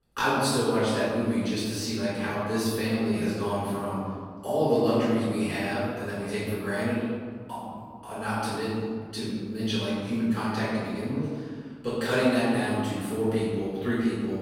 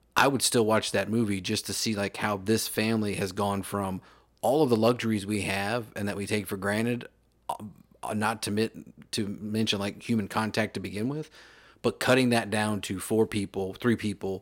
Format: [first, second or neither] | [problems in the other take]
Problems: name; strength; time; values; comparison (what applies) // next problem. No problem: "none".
second | off-mic speech; far // room echo; strong; dies away in 1.8 s